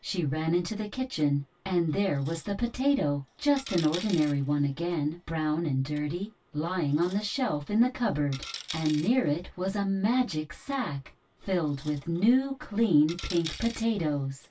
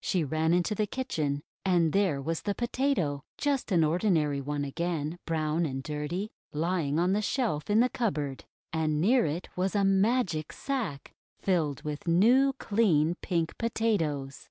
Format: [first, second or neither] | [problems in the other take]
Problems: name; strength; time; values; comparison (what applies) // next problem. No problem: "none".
second | background sound (Coin (dropping)); 19 dB below the speech // room echo; dies away in 0.1 s